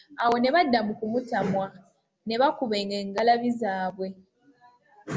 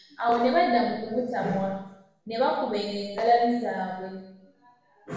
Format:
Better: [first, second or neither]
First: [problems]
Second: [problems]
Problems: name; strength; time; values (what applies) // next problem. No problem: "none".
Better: first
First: none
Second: room echo; dies away in 0.9 s